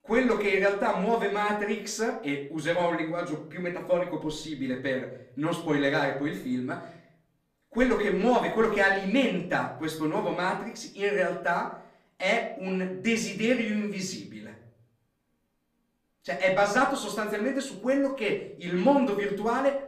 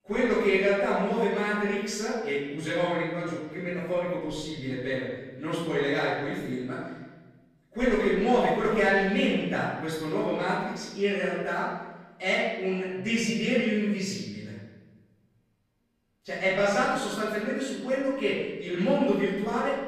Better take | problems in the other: first | room echo; strong; dies away in 1.2 s; slight in the first // off-mic speech; far; far in the first

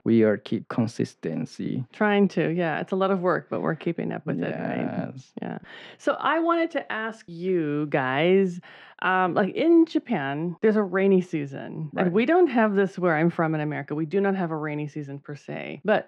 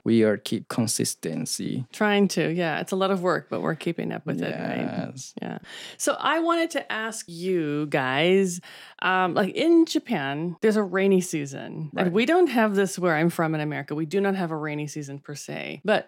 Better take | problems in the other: second | muffled; very; fading above 2.5 kHz

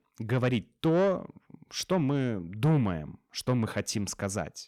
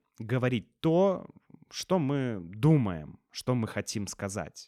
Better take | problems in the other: second | distortion; slight; 10 dB below the speech

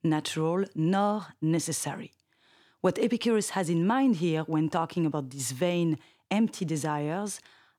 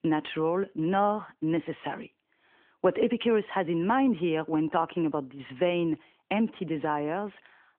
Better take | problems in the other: first | phone-call audio; nothing above 3 kHz

